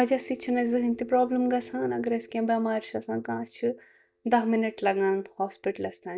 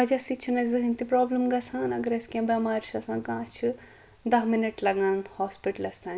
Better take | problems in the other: second | noise reduction (neural mask model DeepFilterNet 3)

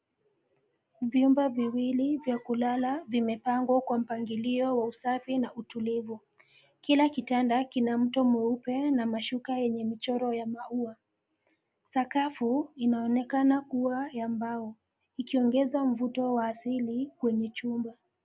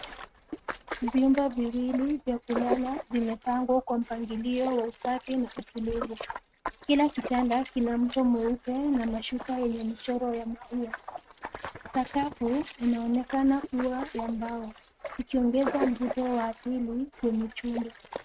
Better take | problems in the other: first | noise reduction (neural mask model RNNoise)

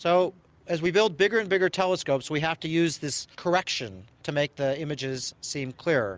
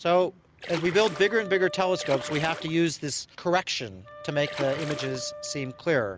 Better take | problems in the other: first | background sound (Wind instrument, woodwind instrument + Splash, splatter); 12 dB below the speech

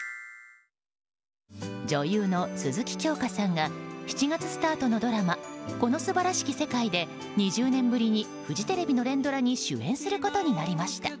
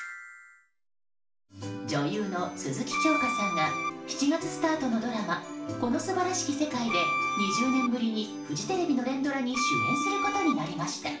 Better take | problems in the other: first | background sound (Bowed string instrument); 1 dB above the speech // room echo; dies away in 0.4 s

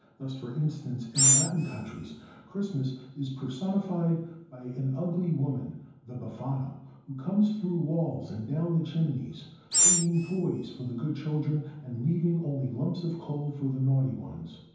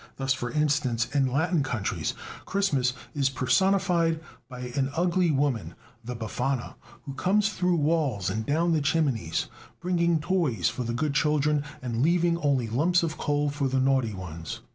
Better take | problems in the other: second | background sound (Animal); 5 dB above the speech // room echo; dies away in 0.9 s

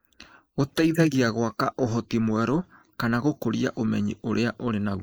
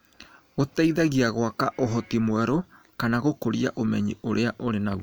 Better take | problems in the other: second | noise reduction (neural mask model Resemble Enhance denoiser)

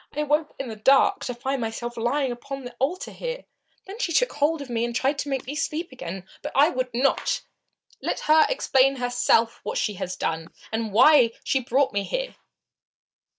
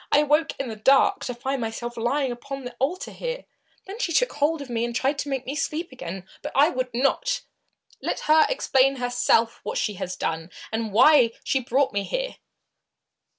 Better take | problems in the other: second | noise reduction (neural mask model DeepFilterNet 3)

